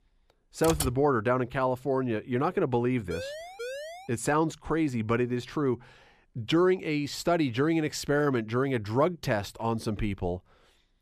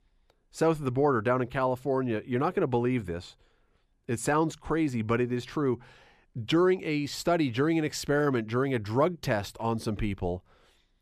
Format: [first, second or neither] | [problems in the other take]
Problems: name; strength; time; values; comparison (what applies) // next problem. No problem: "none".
second | keyboard typing; noticeable; at 0.5 s; peak 4 dB below the speech // siren; noticeable; at 3 s; peak 9 dB below the speech